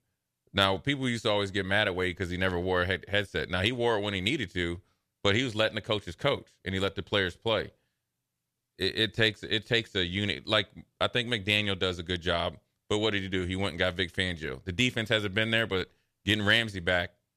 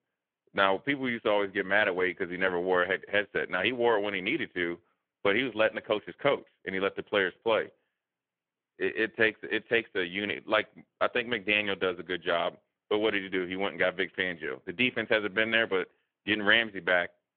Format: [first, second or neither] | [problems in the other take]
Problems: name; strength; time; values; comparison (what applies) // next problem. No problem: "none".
first | phone-call audio